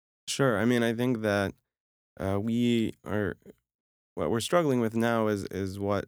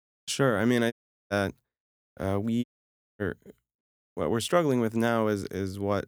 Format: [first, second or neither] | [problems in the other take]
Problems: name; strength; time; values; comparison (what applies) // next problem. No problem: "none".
first | audio cutting out; at 1 s and at 2.5 s for 0.5 s